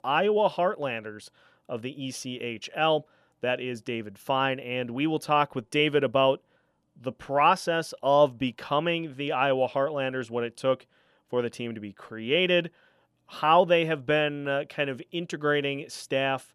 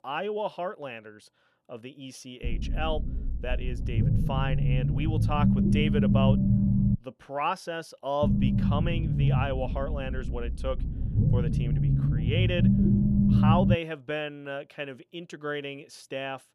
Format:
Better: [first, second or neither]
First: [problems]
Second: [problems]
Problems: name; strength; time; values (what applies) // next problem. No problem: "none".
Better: first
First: none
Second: low rumble; loud; from 2.5 to 7 s and from 8 to 14 s; 2 dB below the speech